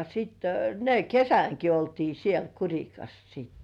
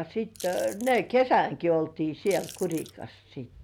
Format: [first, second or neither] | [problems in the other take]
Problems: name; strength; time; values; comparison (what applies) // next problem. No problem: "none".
first | background sound (Chewing, mastication / Crushing); 19 dB below the speech